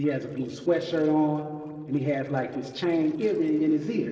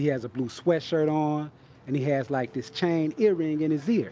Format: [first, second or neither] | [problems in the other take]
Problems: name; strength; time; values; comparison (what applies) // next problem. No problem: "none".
second | noise reduction (neural separator model SepFormer DNS4)